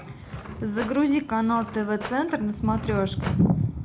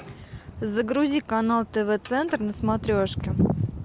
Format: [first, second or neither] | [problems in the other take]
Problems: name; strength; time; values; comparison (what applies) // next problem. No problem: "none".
second | background sound (Cutlery, silverware / Drawer open or close); 16 dB below the speech // room echo; dies away in 0.2 s